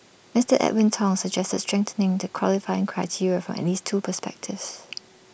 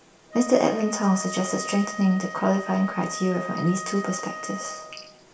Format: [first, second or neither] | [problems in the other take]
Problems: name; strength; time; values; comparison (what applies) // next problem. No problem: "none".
first | background sound (Wind instrument, woodwind instrument); 11 dB below the speech // room echo; dies away in 0.6 s